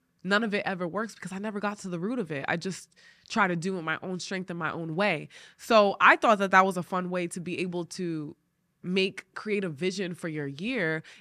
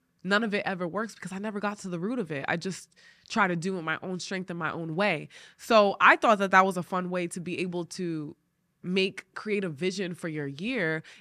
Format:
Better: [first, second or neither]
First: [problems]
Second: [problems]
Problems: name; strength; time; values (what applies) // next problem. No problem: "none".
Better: neither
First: none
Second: none